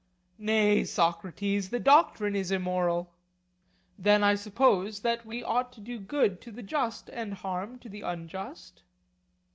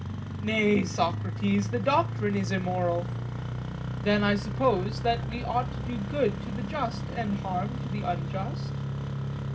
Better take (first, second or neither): first